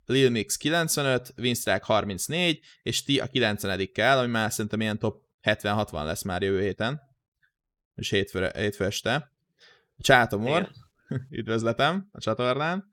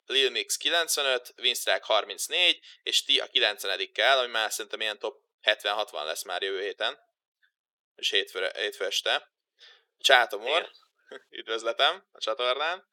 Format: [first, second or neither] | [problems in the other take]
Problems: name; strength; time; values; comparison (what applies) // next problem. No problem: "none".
first | thin; very; fading below 400 Hz